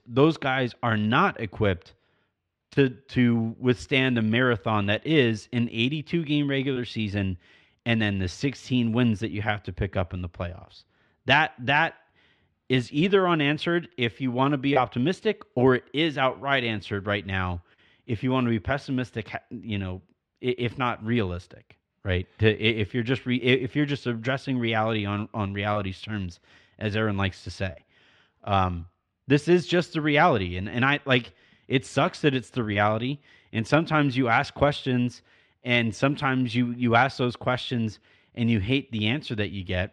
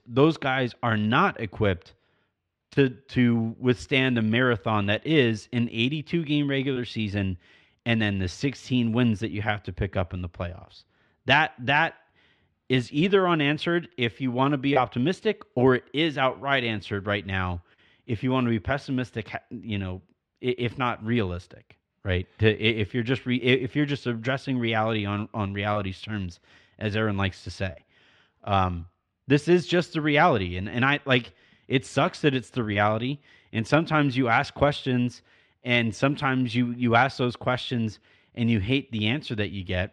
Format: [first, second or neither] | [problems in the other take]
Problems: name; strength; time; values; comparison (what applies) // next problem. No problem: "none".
neither | muffled; slightly; fading above 3 kHz; the same in both